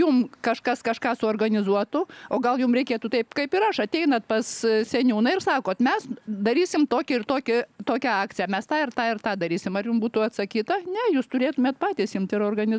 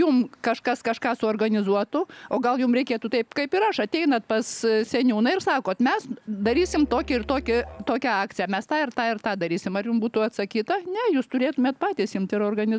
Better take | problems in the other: first | background sound (Musical instrument); 16 dB below the speech

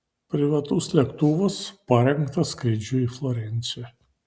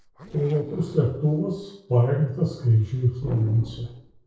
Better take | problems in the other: first | noise reduction (neural separator model SepFormer DNS4)

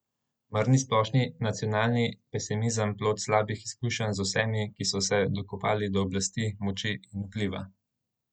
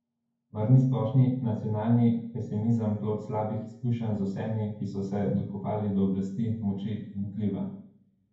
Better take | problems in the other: first | room echo; dies away in 0.9 s

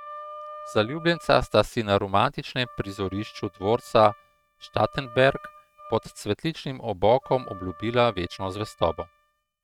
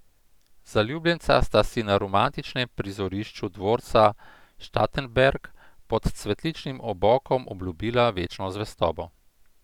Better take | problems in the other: second | noise reduction (neural mask model RNNoise)

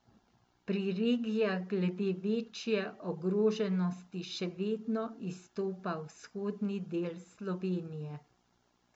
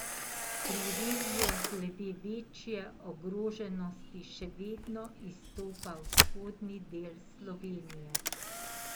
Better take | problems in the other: first | background sound (Camera); 4 dB above the speech

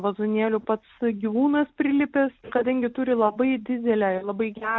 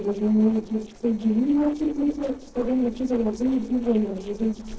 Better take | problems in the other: first | noise reduction (neural separator model SepFormer DNS4)

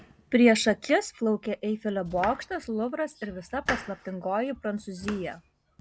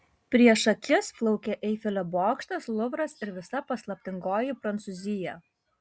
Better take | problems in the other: second | background sound (Domestic sounds, home sounds); 15 dB below the speech

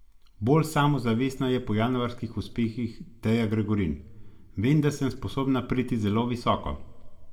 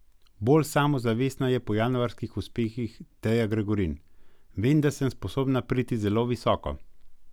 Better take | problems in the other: second | room echo; dies away in 0.5 s

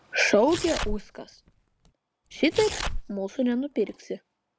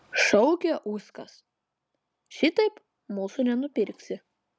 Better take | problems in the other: second | background sound (Tearing); 8 dB below the speech

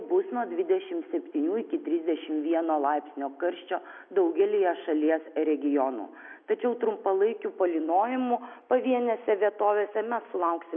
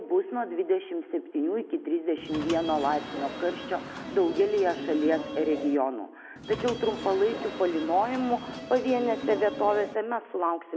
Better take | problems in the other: first | background sound (Subway, metro, underground / Sliding door); 9 dB below the speech

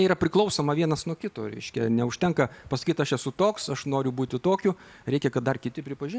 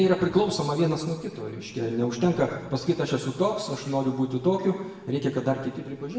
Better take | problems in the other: first | room echo; dies away in 1.1 s

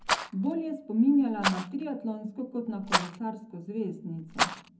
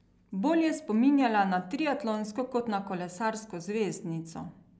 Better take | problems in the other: second | background sound (Rattle); 4 dB below the speech // room echo; dies away in 0.4 s

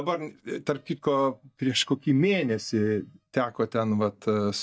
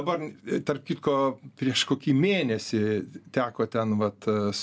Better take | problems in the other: second | noise reduction (neural mask model DeepFilterNet 3)

